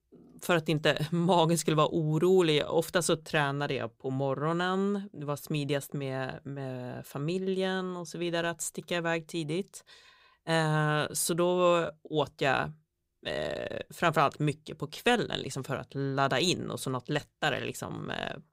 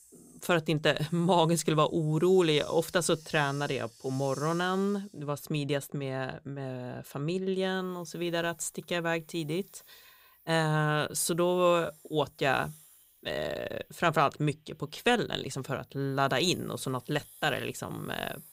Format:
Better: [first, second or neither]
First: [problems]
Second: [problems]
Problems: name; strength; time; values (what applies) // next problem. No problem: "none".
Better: first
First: none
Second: hiss; faint; throughout; 25 dB below the speech